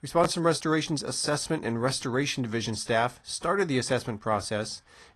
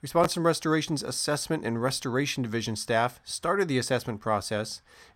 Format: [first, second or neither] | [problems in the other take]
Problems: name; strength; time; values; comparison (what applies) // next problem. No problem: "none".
second | garbled, watery; slightly